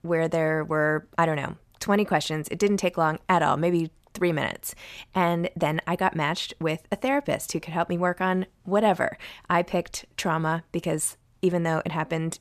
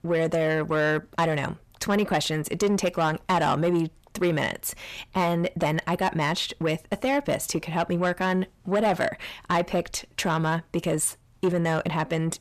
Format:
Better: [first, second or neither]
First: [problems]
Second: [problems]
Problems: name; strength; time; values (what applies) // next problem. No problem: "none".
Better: first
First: none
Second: distortion; slight; 10 dB below the speech